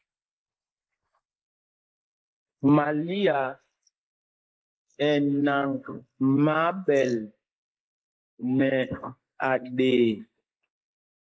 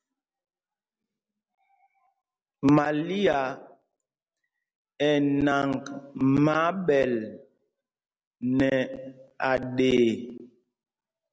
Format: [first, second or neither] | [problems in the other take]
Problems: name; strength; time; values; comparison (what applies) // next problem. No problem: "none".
second | noise reduction (neural mask model Resemble Enhance denoiser)